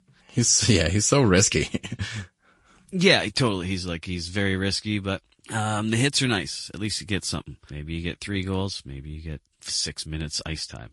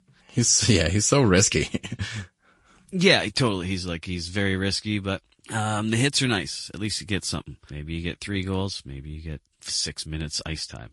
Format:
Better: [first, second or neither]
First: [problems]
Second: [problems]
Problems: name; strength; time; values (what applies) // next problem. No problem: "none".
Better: neither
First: garbled, watery; slightly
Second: garbled, watery; slightly